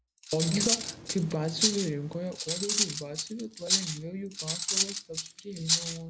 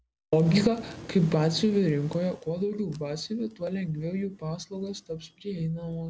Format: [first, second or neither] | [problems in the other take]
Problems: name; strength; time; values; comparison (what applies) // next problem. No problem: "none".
second | background sound (Cutlery, silverware); 2 dB above the speech